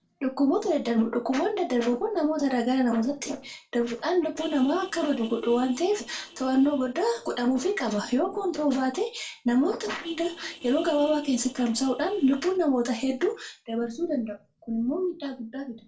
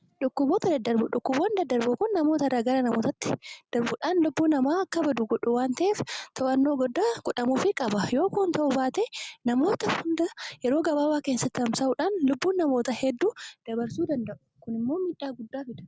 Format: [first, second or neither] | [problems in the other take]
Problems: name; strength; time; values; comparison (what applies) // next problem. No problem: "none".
second | noise reduction (neural separator model SepFormer DNS4)